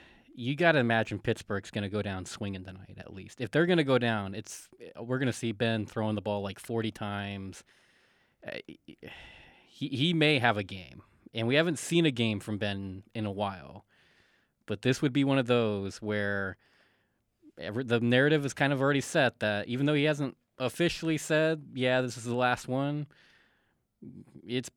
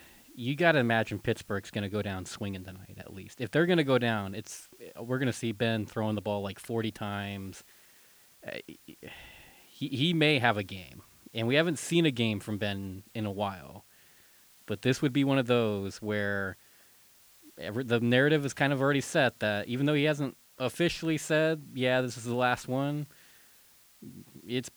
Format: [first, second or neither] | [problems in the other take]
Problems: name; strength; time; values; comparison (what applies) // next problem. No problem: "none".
first | hiss; faint; throughout; 25 dB below the speech